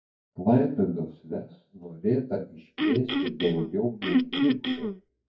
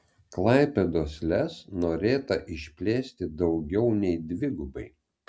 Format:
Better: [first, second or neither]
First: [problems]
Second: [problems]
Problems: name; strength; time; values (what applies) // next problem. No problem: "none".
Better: second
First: noise reduction (neural mask model DeepFilterNet 3)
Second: none